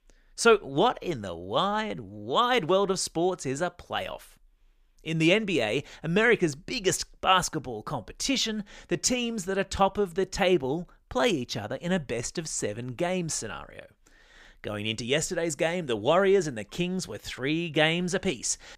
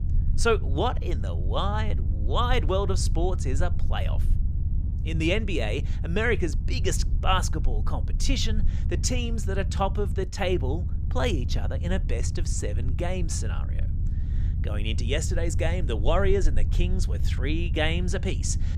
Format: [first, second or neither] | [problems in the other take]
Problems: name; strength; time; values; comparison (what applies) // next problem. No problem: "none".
first | low rumble; noticeable; throughout; 15 dB below the speech